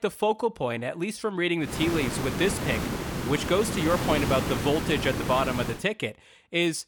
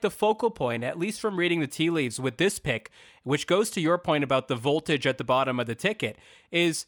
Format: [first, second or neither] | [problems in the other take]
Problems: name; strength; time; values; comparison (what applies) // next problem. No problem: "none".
second | hiss; loud; from 1.5 to 6 s; 3 dB below the speech